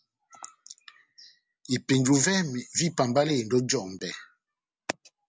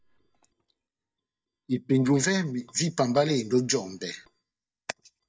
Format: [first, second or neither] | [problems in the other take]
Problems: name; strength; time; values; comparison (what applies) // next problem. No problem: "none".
first | noise reduction (neural mask model DeepFilterNet 3)